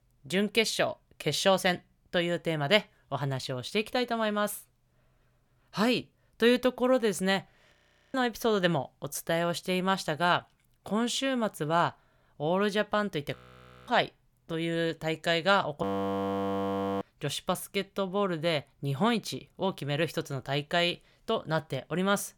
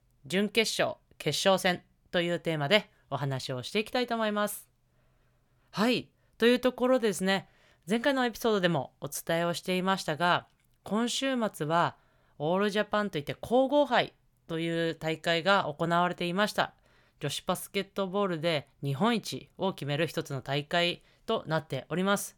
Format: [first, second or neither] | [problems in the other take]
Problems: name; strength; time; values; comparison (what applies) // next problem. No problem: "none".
second | audio freezing; at 7.5 s, at 13 s for 0.5 s and at 16 s for 1 s